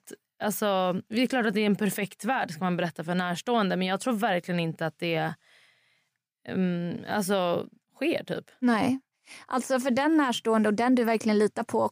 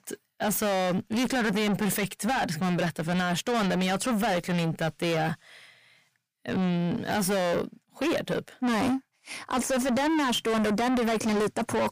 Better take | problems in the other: first | distortion; heavy; 6 dB below the speech

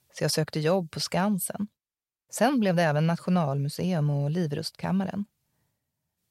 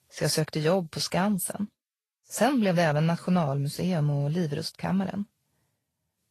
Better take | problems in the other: first | garbled, watery; slightly; nothing above 12.5 kHz

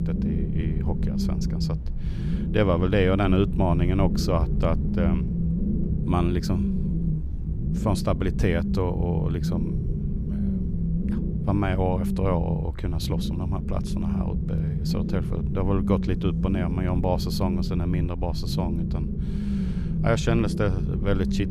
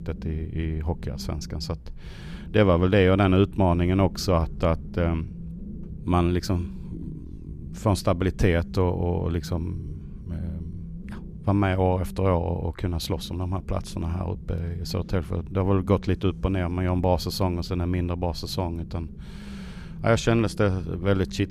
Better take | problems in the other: second | low rumble; loud; throughout; 7 dB below the speech; faint in the second

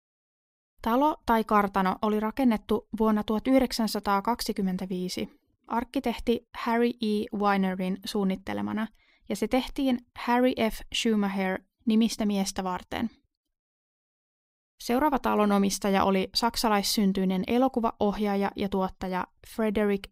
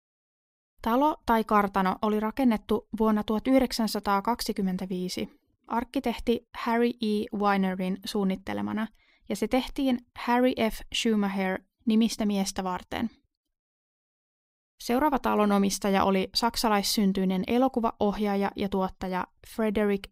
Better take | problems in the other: neither | none

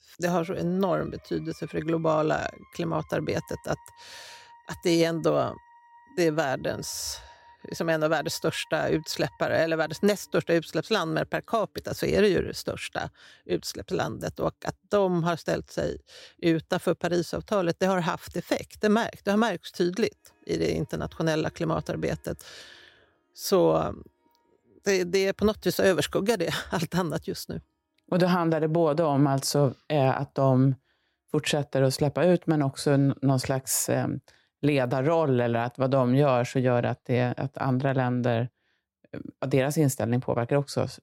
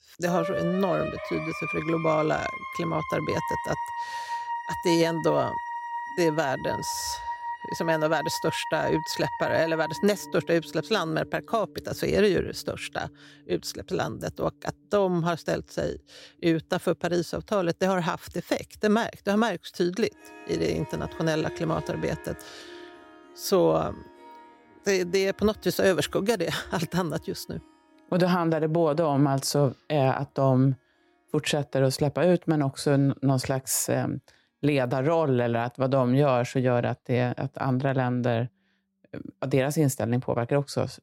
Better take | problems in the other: first | background music; loud; throughout; 9 dB below the speech; faint in the first

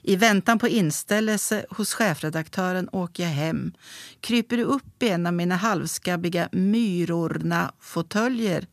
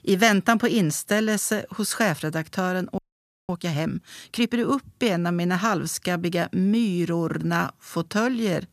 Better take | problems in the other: first | audio freezing; at 3 s for 0.5 s

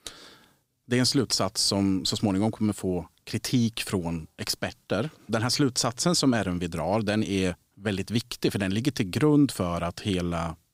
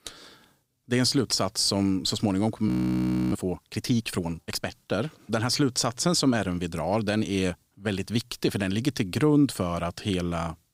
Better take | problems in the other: first | audio freezing; at 2.5 s for 0.5 s

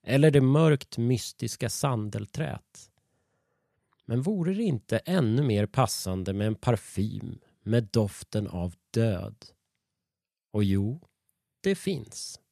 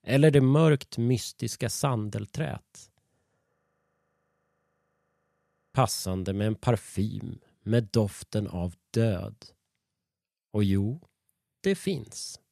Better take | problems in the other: first | audio freezing; at 3.5 s for 2 s

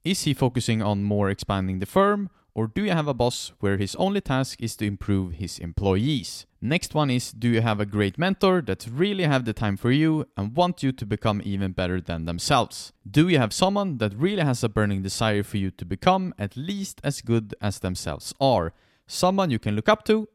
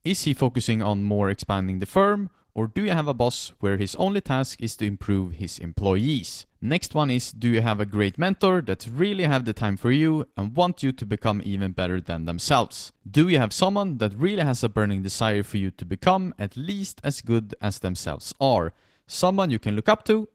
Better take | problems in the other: first | garbled, watery; slightly; nothing above 16 kHz

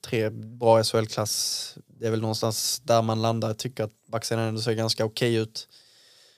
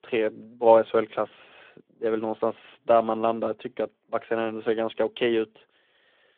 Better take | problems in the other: first | phone-call audio

